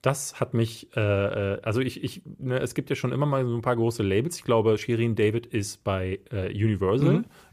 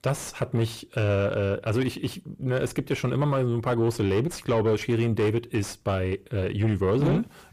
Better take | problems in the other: first | distortion; slight; 10 dB below the speech

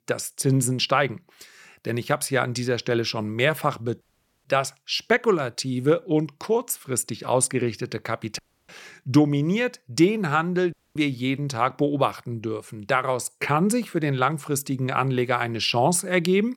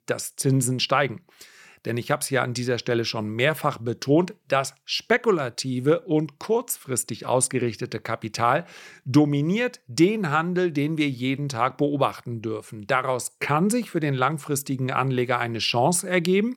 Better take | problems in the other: second | audio cutting out; at 4 s, at 8.5 s and at 11 s

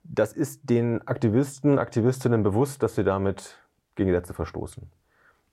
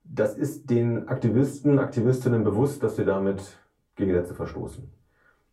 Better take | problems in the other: first | off-mic speech; far // room echo; very slight; dies away in 0.2 s

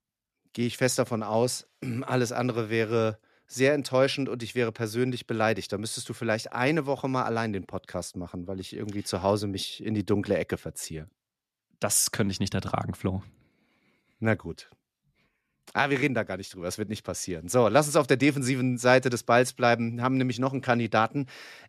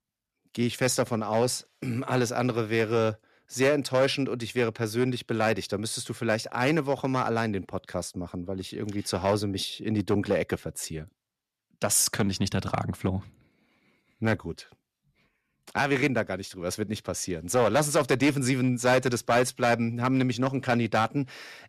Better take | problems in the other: first | distortion; slight; 3% of the sound clipped

